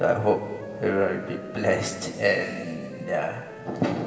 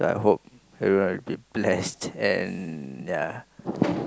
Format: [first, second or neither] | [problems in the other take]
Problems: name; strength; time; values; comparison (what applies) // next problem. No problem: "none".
second | background sound (Wind instrument, woodwind instrument); 16 dB below the speech // room echo; dies away in 2.5 s